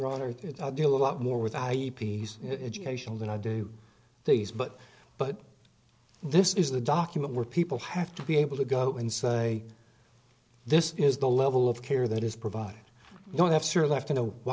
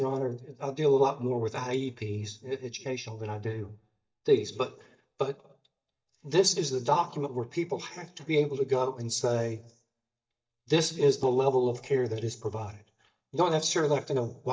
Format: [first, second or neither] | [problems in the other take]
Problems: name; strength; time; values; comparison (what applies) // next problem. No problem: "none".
first | noise reduction (neural mask model DeepFilterNet 3)